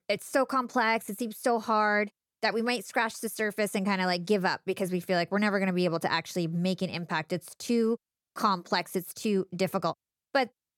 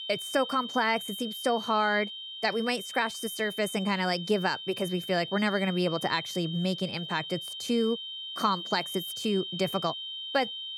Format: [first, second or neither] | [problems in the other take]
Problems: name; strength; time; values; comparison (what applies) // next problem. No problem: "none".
first | high-pitched whine; loud; throughout; 3 kHz, 7 dB below the speech